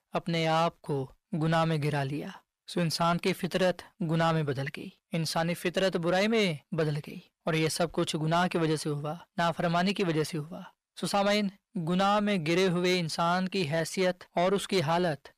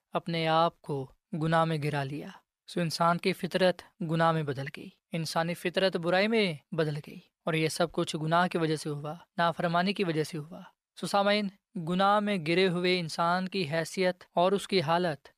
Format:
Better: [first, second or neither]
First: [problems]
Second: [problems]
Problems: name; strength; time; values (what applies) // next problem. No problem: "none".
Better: second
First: distortion; slight; 10 dB below the speech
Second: none